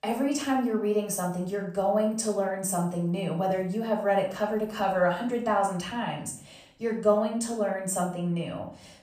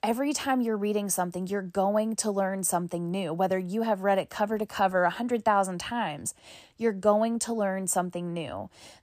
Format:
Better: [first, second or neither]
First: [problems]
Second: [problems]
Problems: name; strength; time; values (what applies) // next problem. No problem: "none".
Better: second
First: off-mic speech; far // room echo; slight; dies away in 0.4 s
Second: none